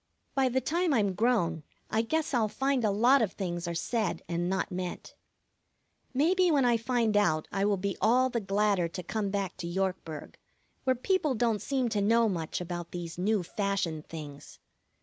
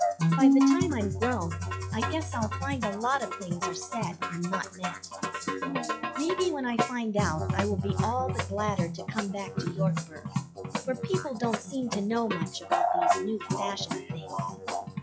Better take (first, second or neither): first